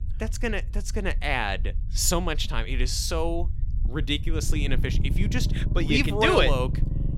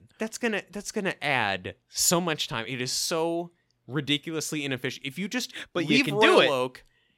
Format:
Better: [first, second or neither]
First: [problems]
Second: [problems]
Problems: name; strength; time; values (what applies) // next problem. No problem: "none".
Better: second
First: low rumble; noticeable; throughout; 15 dB below the speech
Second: none